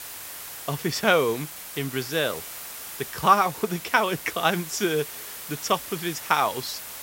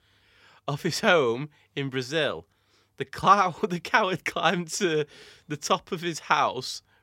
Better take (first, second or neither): second